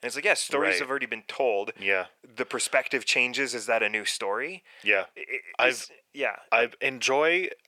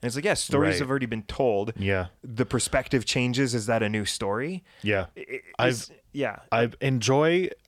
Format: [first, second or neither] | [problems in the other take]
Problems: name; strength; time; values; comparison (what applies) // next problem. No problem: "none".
second | thin; very; fading below 500 Hz